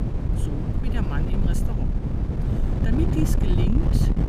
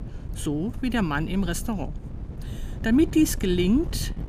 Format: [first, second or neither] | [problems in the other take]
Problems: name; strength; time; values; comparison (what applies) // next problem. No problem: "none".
second | wind noise on the microphone; heavy; 1 dB above the speech; occasional gusts in the second